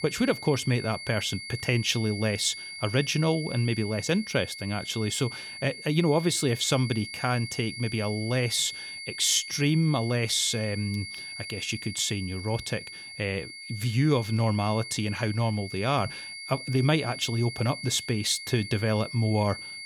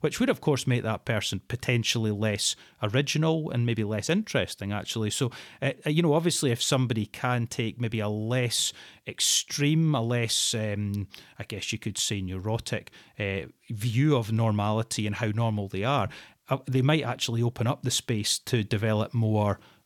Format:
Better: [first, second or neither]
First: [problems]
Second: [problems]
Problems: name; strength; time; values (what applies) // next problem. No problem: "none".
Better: second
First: high-pitched whine; noticeable; throughout; 2 kHz, 10 dB below the speech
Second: none